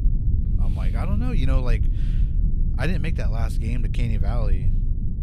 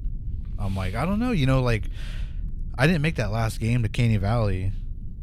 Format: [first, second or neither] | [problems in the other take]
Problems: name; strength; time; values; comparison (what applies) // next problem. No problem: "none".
second | low rumble; loud; throughout; 7 dB below the speech; faint in the second